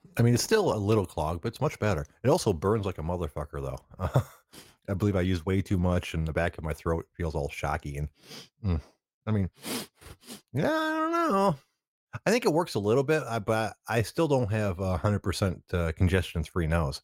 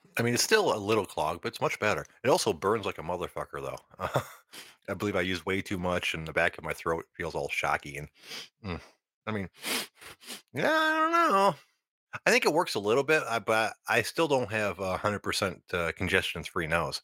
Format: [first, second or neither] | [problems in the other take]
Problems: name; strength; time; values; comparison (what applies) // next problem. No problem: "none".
first | thin; somewhat; fading below 1 kHz